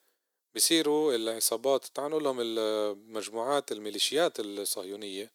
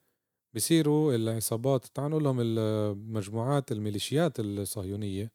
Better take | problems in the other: second | thin; very; fading below 400 Hz

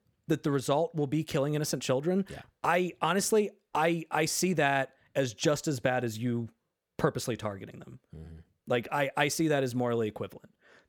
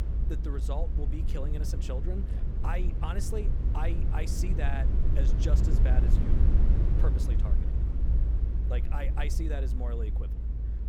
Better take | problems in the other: first | low rumble; loud; throughout; 4 dB below the speech

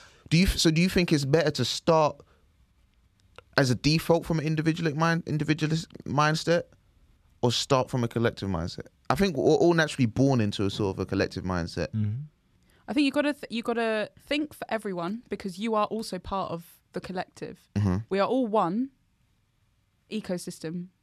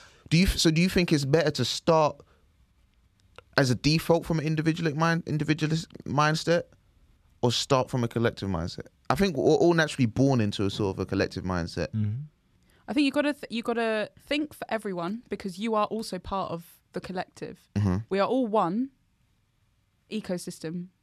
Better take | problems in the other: neither | none

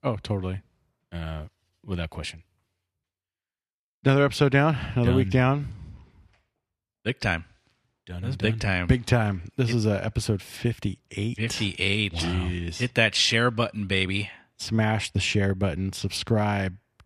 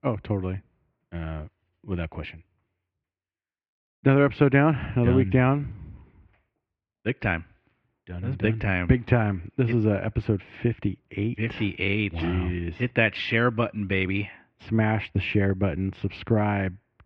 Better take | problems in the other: first | muffled; very; fading above 2.5 kHz

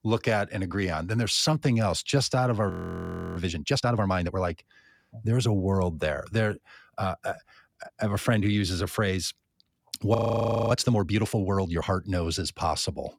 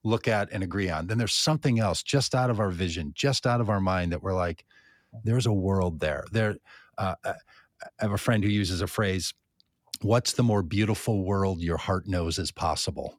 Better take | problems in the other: second | audio freezing; at 2.5 s for 0.5 s and at 10 s for 0.5 s

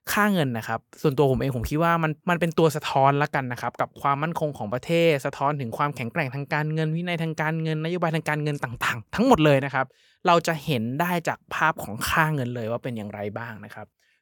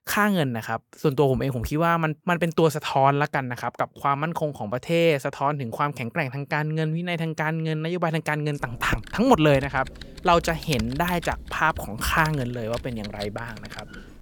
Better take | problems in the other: first | keyboard typing; noticeable; from 8.5 s on; peak 9 dB below the speech

